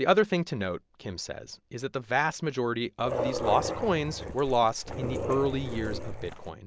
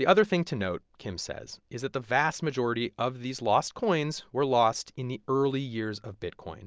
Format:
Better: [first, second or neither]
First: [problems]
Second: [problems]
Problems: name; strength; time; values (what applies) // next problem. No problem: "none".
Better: second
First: background sound (Dog); 5 dB below the speech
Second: none